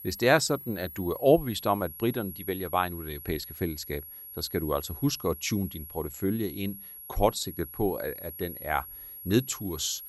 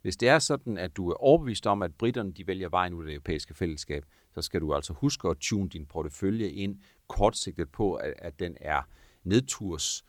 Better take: second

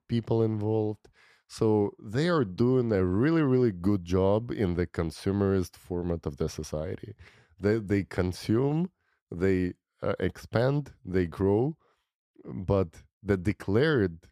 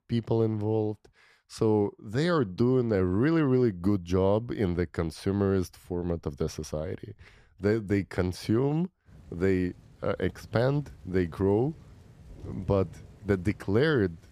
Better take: first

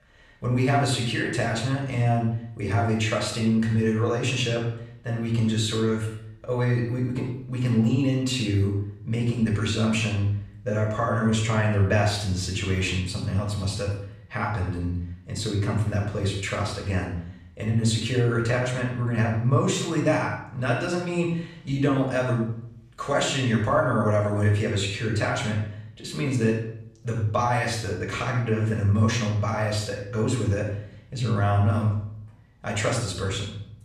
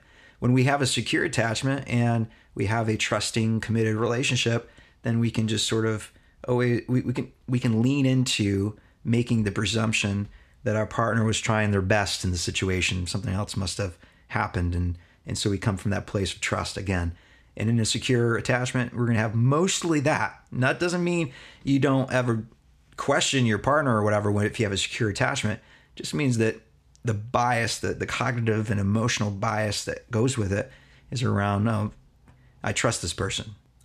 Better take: second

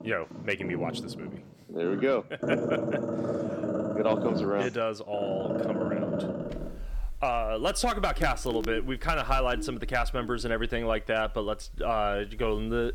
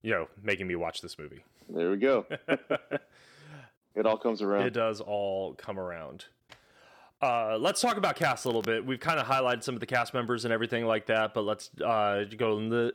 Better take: second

